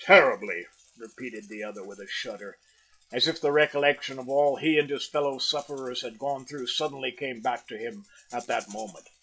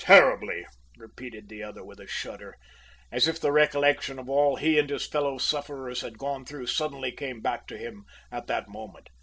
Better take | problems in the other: second | noise reduction (classical method log-MMSE)

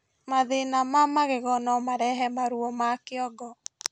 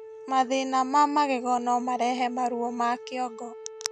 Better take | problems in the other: first | background sound (Wind instrument, woodwind instrument); 16 dB below the speech

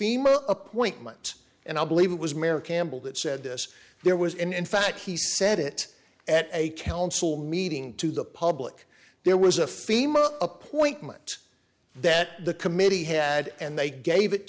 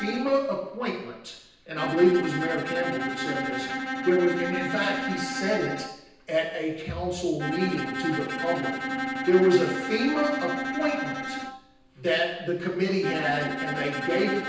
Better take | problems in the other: first | background sound (Bowed string instrument); 5 dB below the speech // room echo; dies away in 0.9 s

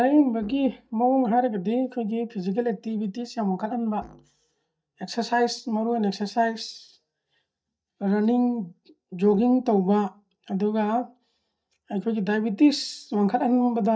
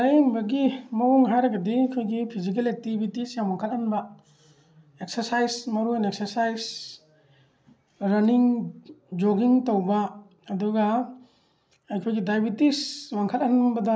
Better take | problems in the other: second | noise reduction (neural mask model DeepFilterNet 3)

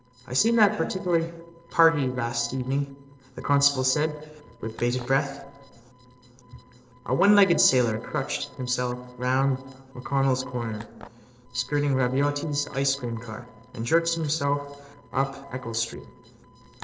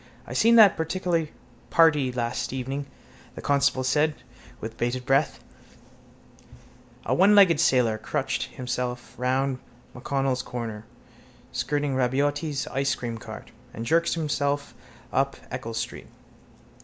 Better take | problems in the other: second | noise reduction (neural separator model SepFormer DNS4)

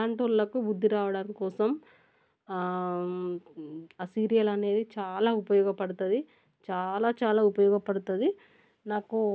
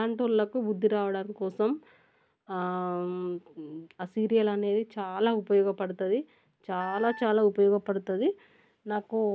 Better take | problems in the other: first | background sound (Wind instrument, woodwind instrument); 17 dB below the speech

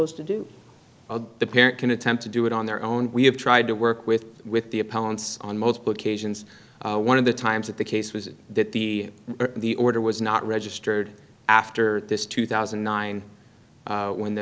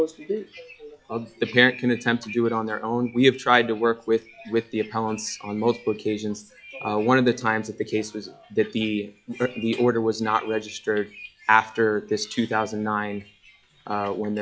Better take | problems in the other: first | noise reduction (classical method log-MMSE)

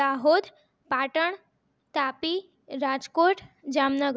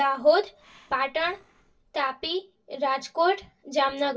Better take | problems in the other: first | noise reduction (neural separator model SepFormer DNS4)

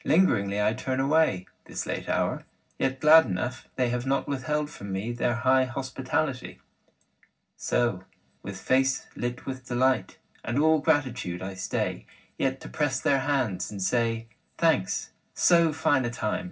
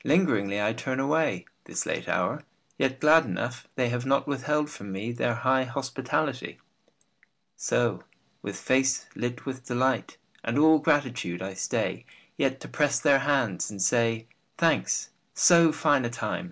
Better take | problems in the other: second | room echo; dies away in 0.4 s

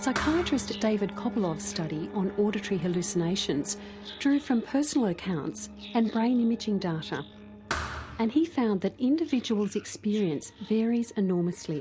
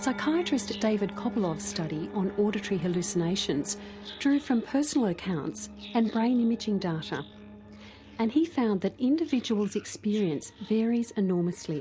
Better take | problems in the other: second | background sound (Thump, thud); 10 dB below the speech

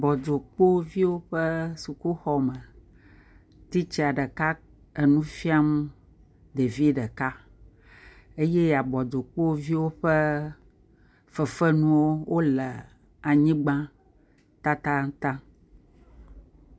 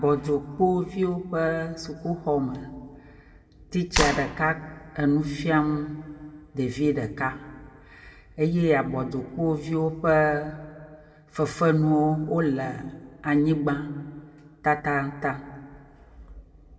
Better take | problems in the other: first | background sound (Clapping); 2 dB below the speech // room echo; dies away in 1 s

